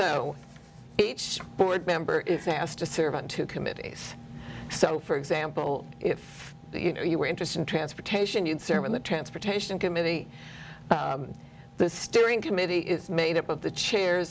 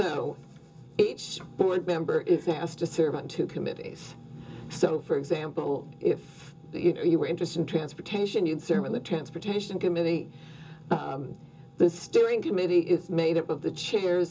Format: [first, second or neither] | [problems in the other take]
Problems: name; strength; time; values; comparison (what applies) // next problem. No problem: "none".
first | room echo; dies away in 0.2 s